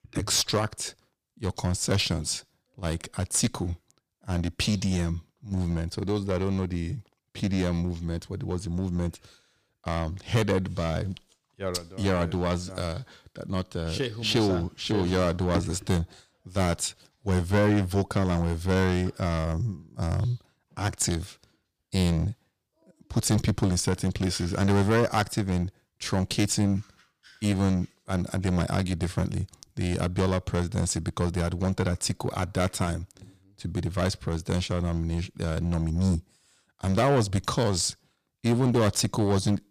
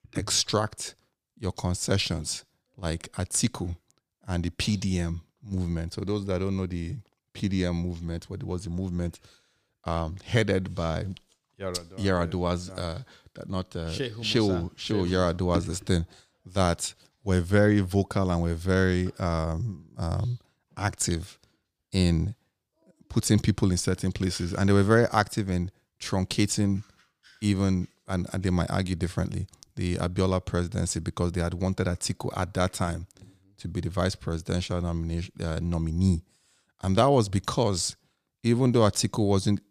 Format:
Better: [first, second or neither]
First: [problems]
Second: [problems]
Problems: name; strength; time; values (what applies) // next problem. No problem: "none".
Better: second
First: distortion; slight; 5% of the sound clipped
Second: none